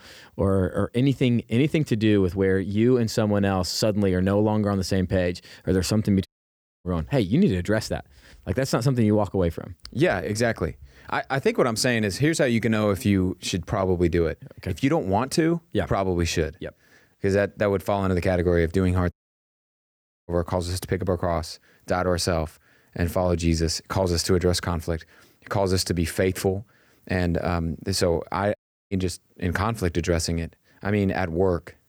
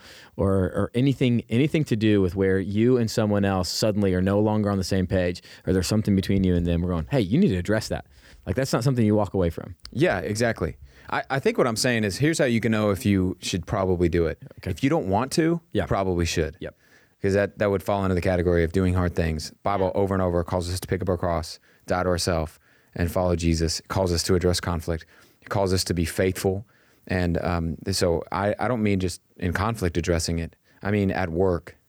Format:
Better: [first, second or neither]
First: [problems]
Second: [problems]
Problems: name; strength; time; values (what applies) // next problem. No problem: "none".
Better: second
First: audio cutting out; at 6.5 s for 0.5 s, at 19 s for 1 s and at 29 s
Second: none